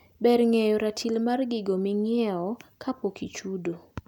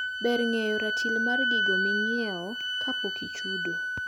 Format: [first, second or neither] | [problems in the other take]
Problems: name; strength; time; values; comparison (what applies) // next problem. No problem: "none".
first | background sound (Wind instrument, woodwind instrument); 3 dB above the speech